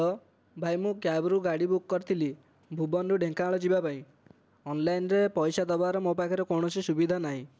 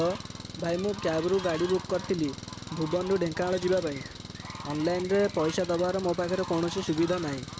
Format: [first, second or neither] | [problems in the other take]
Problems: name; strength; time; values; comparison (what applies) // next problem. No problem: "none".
first | background sound (Fowl + Engine); 11 dB below the speech